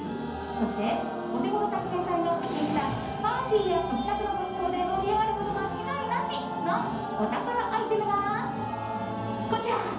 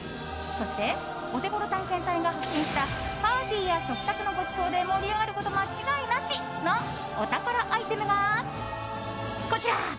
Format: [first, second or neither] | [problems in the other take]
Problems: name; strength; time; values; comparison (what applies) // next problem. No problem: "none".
second | background sound (Wind instrument, woodwind instrument); 14 dB below the speech // room echo; dies away in 2.2 s